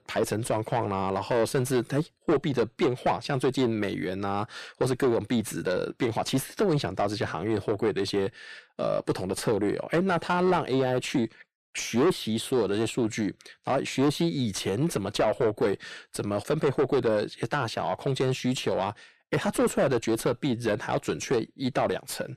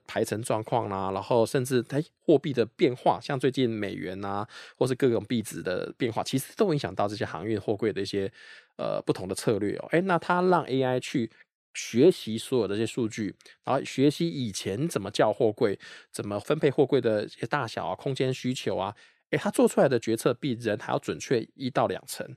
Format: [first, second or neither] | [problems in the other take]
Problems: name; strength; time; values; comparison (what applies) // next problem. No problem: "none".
second | distortion; heavy; 8 dB below the speech